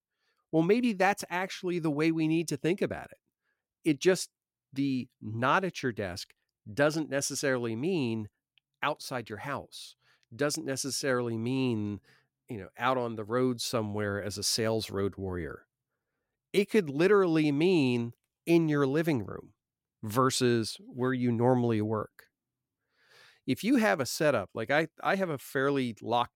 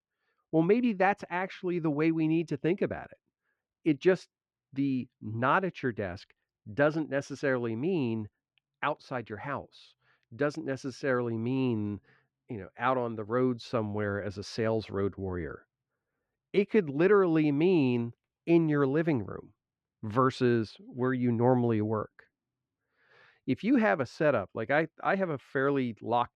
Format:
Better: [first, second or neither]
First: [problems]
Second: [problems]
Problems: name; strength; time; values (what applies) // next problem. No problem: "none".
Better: first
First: none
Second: muffled; slightly; fading above 2.5 kHz